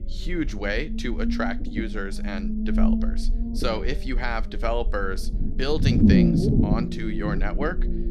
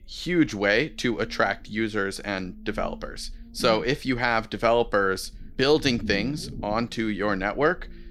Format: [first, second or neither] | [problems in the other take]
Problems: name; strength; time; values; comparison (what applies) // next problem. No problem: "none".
second | low rumble; loud; throughout; 1 dB below the speech; faint in the second